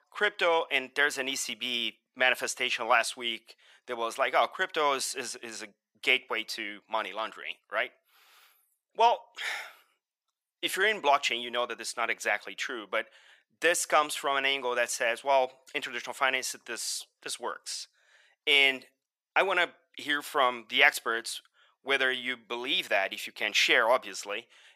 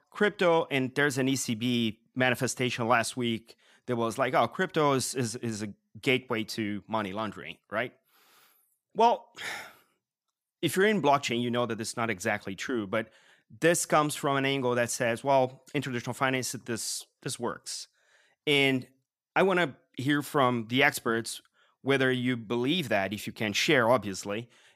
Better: second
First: thin; very; fading below 600 Hz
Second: none

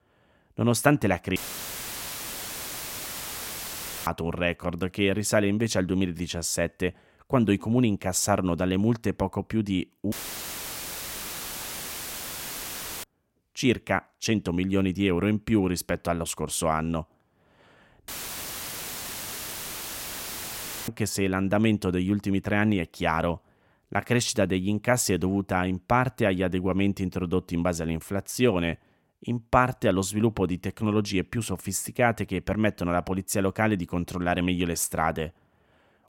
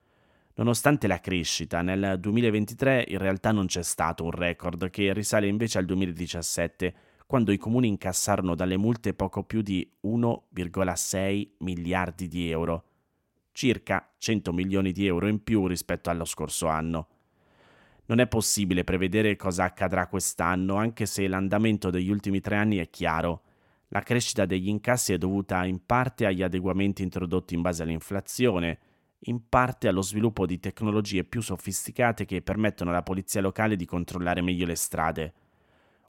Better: second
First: audio cutting out; filled with static; at 1.5 s for 2.5 s, at 10 s for 3 s and at 18 s for 3 s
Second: none

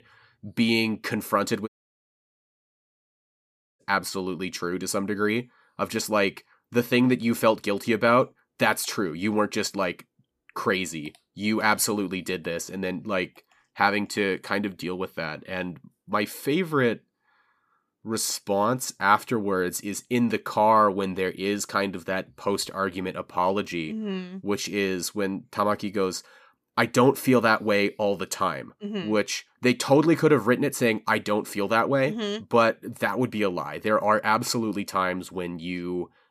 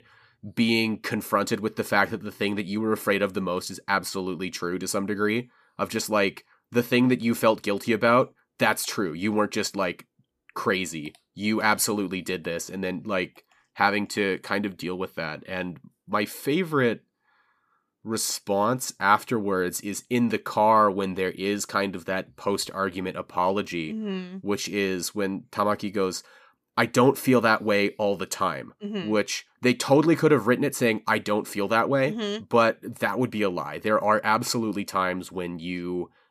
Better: second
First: audio cutting out; at 1.5 s for 2 s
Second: none

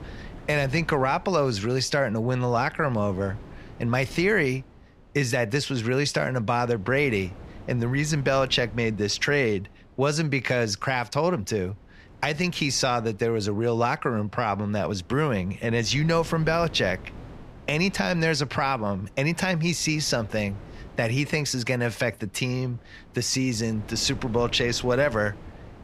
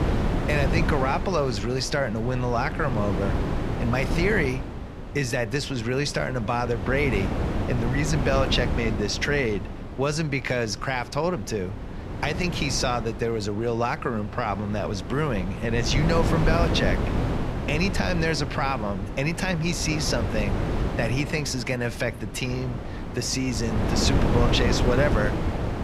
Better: first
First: wind noise on the microphone; occasional gusts; 25 dB below the speech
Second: wind noise on the microphone; heavy; 7 dB below the speech

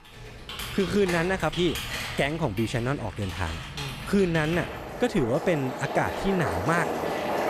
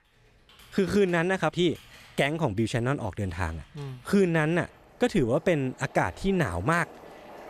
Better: second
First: household noises; loud; throughout; 6 dB below the speech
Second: household noises; faint; throughout; 25 dB below the speech

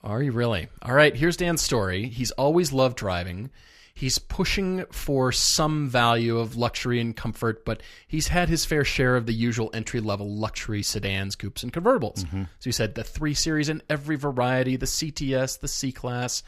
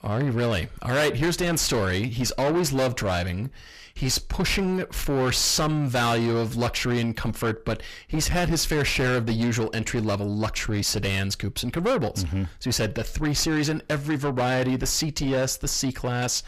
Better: first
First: none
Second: distortion; heavy; 7 dB below the speech

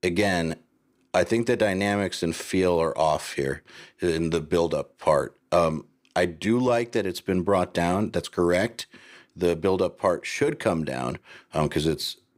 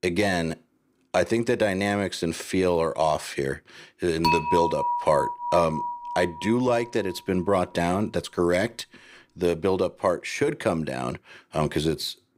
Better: first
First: none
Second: clattering dishes; loud; from 4 to 6.5 s; peak 2 dB above the speech

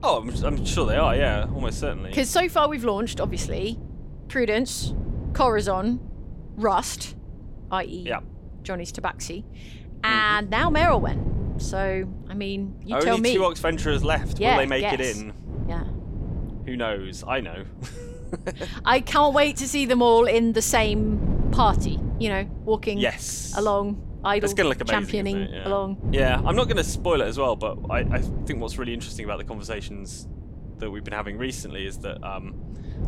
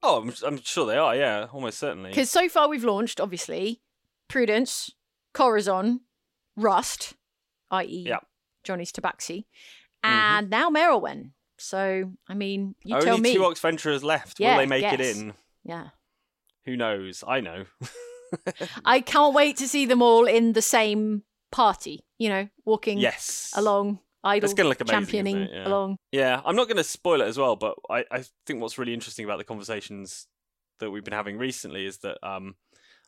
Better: second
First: wind noise on the microphone; occasional gusts; 20 dB below the speech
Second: none

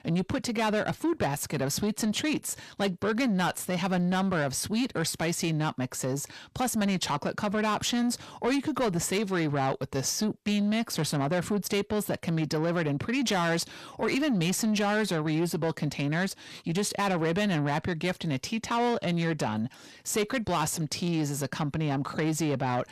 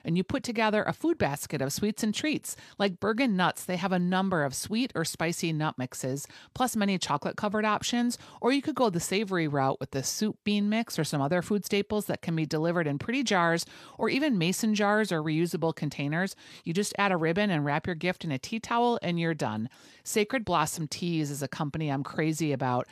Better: second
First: distortion; slight; 10 dB below the speech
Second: none

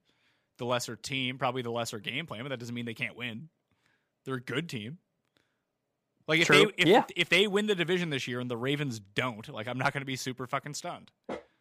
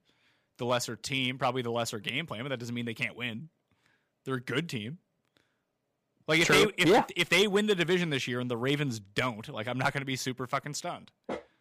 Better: first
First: none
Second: distortion; slight; 1.6% of the sound clipped

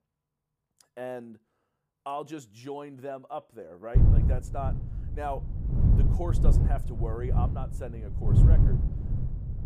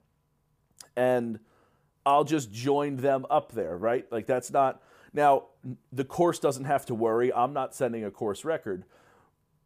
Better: second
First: wind noise on the microphone; heavy; from 4 s on; 2 dB below the speech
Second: none

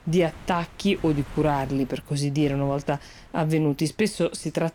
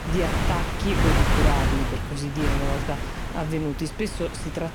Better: first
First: wind noise on the microphone; occasional gusts; 20 dB below the speech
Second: wind noise on the microphone; heavy; 3 dB above the speech

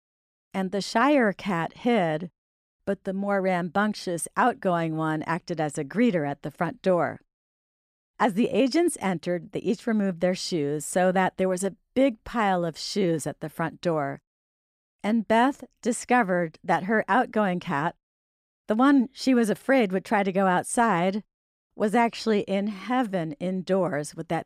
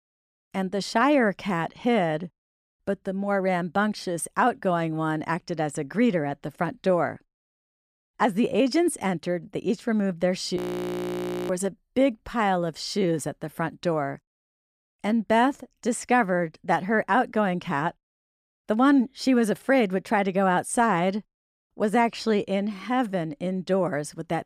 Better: first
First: none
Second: audio freezing; at 11 s for 1 s

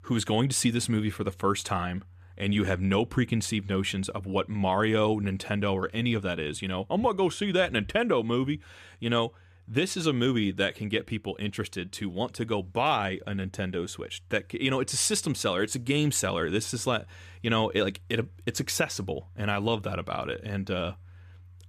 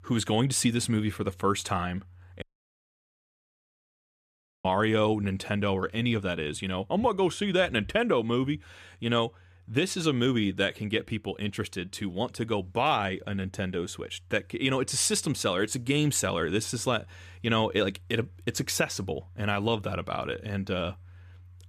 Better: first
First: none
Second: audio cutting out; at 2.5 s for 2 s

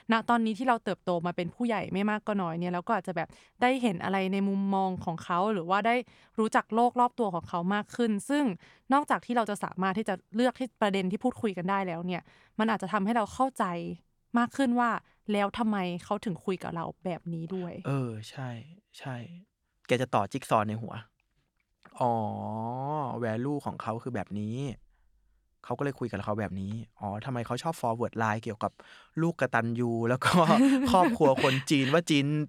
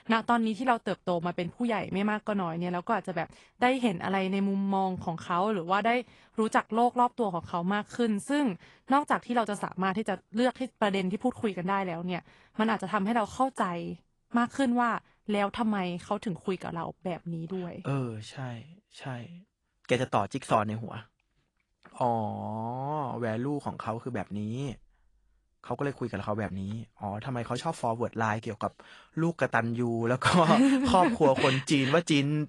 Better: first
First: none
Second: garbled, watery; slightly; nothing above 10.5 kHz

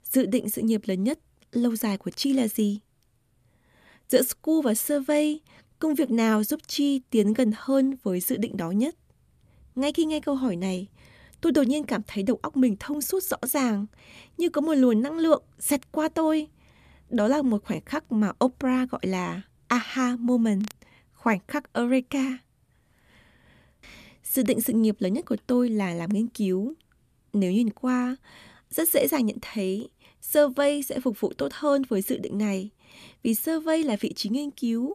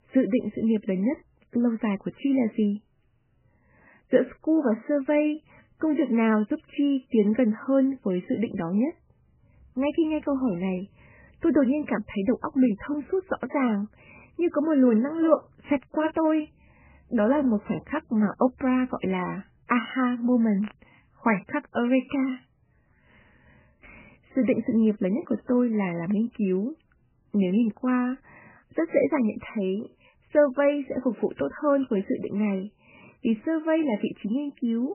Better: first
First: none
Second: garbled, watery; badly; nothing above 3 kHz

